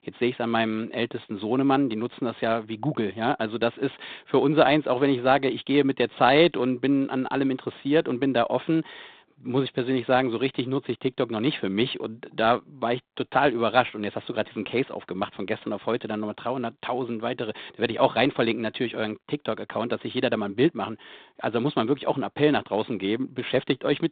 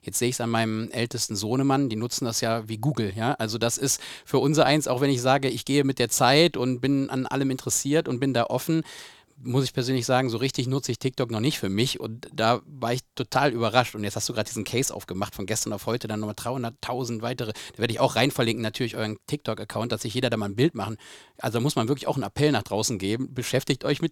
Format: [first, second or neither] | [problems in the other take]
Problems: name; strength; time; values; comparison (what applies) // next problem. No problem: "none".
second | phone-call audio; nothing above 4 kHz